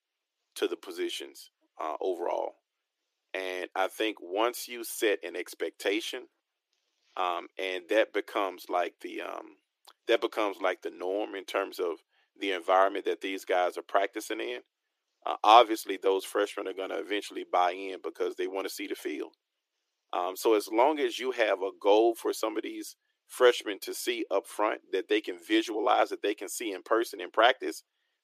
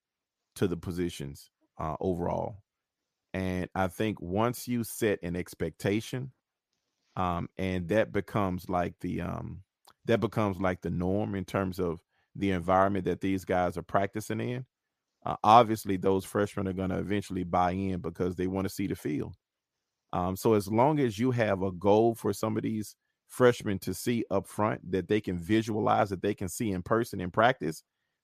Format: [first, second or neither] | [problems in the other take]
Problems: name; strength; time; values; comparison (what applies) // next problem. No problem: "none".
second | thin; very; fading below 300 Hz